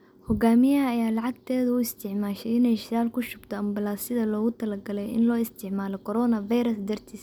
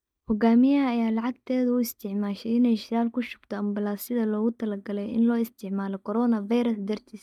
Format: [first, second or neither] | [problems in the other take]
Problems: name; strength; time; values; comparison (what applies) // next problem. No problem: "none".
first | noise reduction (neural mask model DeepFilterNet 3)